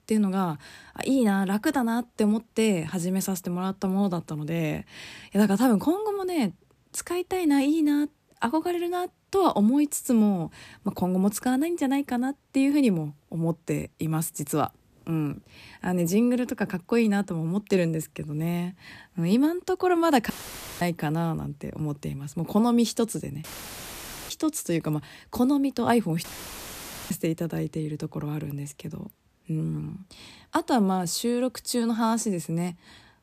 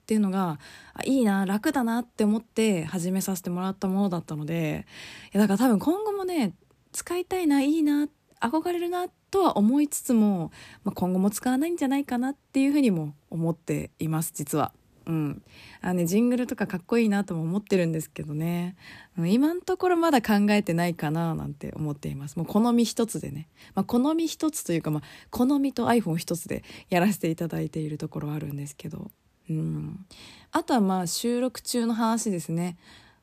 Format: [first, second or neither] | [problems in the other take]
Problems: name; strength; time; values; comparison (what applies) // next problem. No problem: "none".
second | audio cutting out; filled with static; at 20 s for 0.5 s, at 23 s for 1 s and at 26 s for 1 s